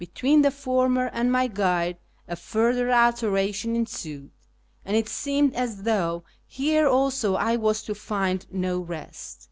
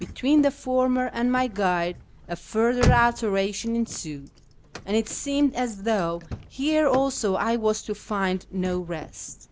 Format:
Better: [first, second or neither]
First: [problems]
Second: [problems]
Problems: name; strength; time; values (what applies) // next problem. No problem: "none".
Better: first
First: none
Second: background sound (Slam / Car); 10 dB below the speech